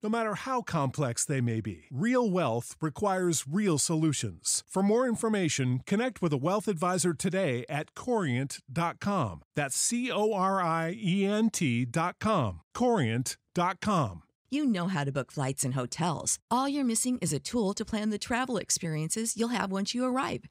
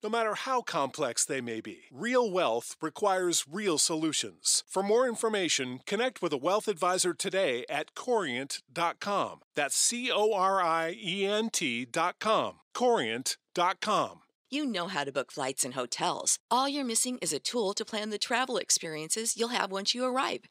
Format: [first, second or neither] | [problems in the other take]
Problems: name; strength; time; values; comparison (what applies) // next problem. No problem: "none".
first | thin; somewhat; fading below 400 Hz